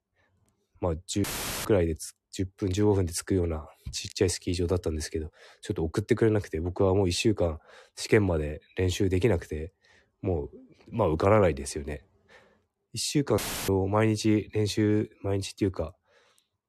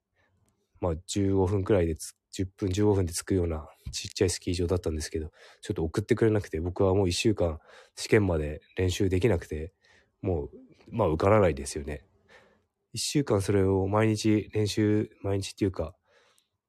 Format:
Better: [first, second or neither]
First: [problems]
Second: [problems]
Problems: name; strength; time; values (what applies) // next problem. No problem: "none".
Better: second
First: audio cutting out; filled with static; at 1 s and at 13 s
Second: none